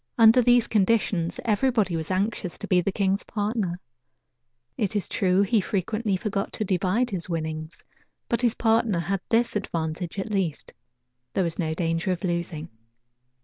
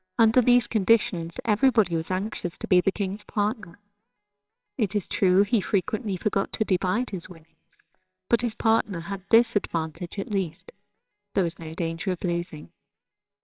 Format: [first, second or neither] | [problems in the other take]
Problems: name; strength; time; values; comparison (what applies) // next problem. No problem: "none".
first | noise reduction (neural separator model SepFormer WHAMR!)